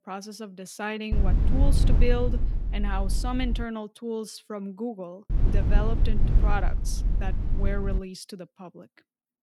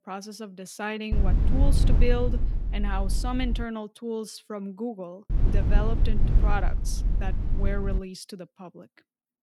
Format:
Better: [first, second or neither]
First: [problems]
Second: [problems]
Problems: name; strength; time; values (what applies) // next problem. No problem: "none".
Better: neither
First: low rumble; loud; from 1 to 3.5 s and from 5.5 to 8 s; 7 dB below the speech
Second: low rumble; loud; from 1 to 3.5 s and from 5.5 to 8 s; 7 dB below the speech